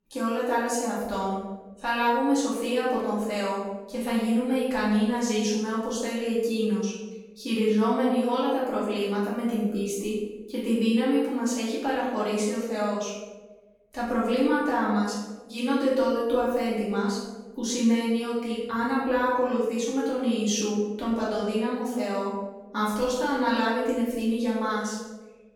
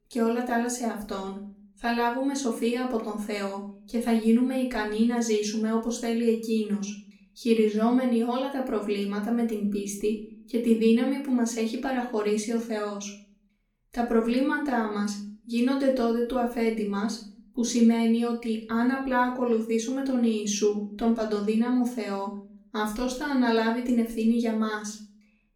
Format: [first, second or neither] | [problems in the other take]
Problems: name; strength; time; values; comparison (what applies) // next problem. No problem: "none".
second | room echo; strong; dies away in 1.1 s; slight in the second // off-mic speech; far; far in the second